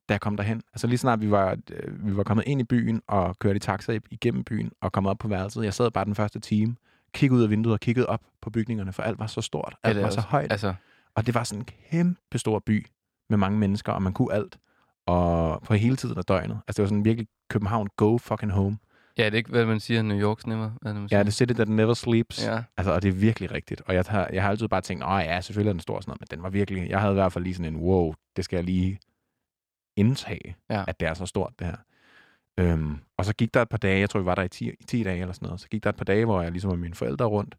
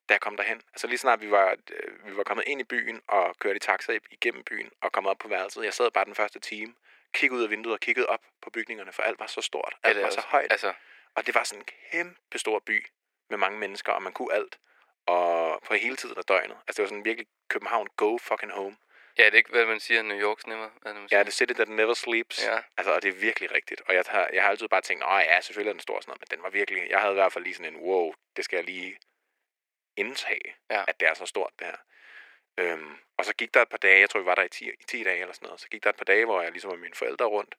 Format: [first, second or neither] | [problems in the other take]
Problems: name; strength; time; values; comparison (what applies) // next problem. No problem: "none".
first | thin; very; fading below 350 Hz